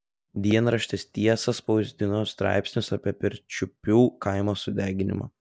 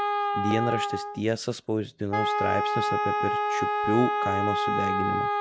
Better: first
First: none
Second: background sound (Wind instrument, woodwind instrument); 3 dB above the speech

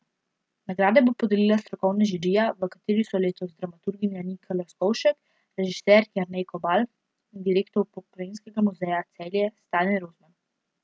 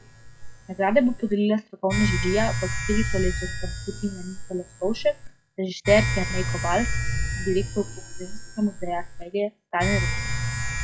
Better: first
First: none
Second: noise reduction (classical method log-MMSE)

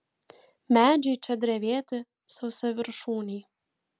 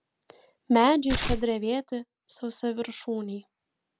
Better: first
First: none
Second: background sound (Tearing); 1 dB below the speech

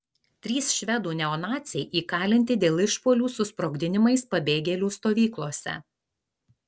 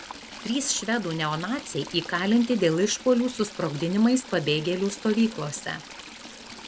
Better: first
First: none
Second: background sound (Stream / Trickle, dribble); 16 dB below the speech

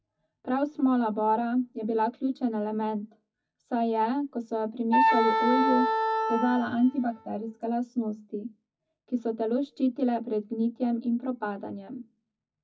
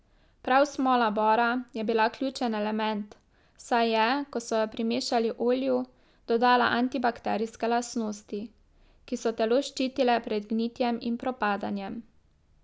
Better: second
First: noise reduction (classical method WPE with log-MMSE)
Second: none

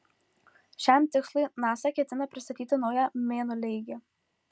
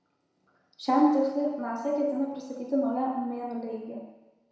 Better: first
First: none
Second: room echo; dies away in 1 s

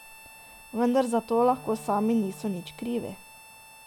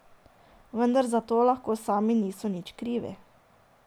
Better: second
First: background sound (Harmonica + Wind instrument, woodwind instrument); 19 dB below the speech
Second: none

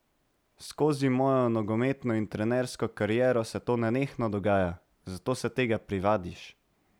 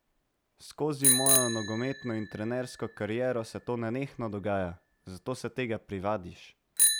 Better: first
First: none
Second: background sound (Bicycle bell); 1 dB above the speech

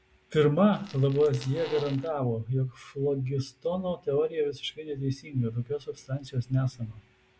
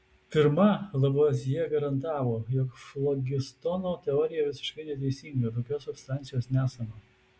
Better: second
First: background sound (Fart); 16 dB below the speech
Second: none

